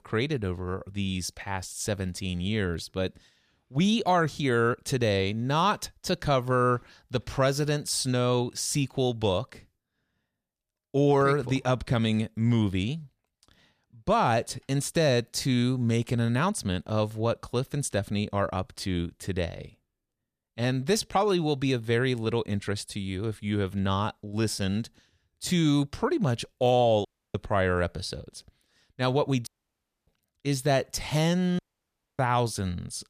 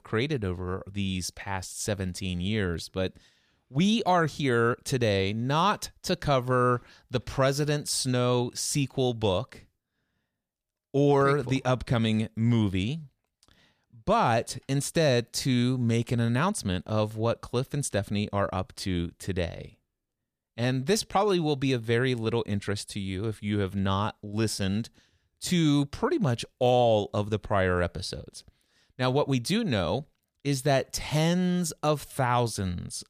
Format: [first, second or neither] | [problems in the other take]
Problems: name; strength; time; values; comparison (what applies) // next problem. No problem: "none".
second | audio cutting out; at 27 s, at 29 s for 0.5 s and at 32 s for 0.5 s